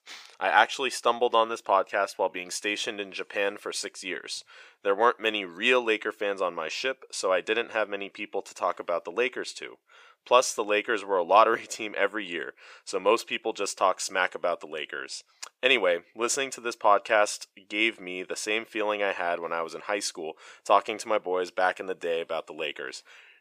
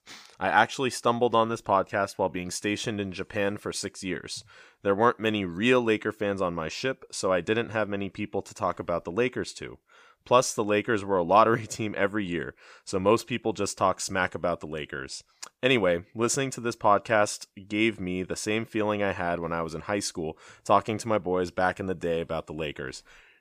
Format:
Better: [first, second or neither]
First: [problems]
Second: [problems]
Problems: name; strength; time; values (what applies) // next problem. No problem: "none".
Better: second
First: thin; somewhat; fading below 500 Hz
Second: none